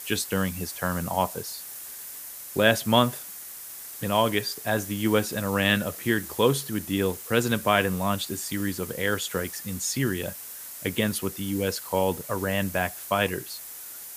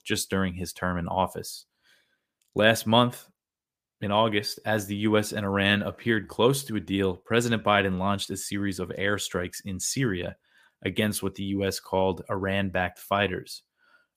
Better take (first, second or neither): second